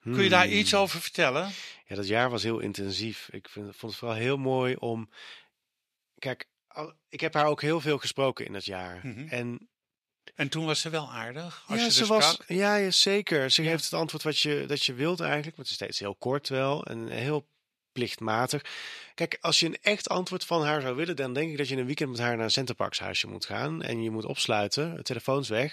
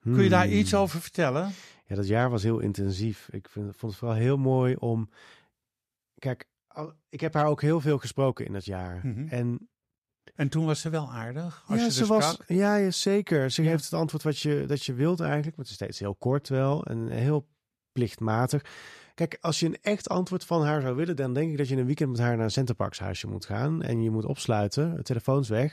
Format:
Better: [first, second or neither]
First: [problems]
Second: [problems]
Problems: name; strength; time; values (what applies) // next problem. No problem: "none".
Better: second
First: thin; very slightly; fading below 450 Hz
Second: none